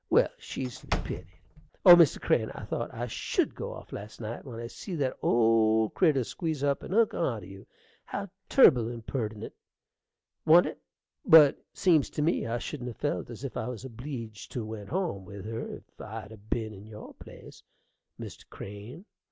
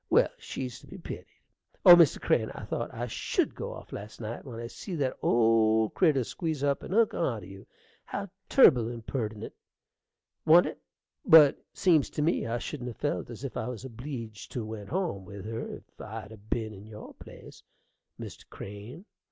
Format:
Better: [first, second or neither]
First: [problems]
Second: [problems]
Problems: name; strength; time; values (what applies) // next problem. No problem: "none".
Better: second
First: background sound (Slam / Wood); 9 dB below the speech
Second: none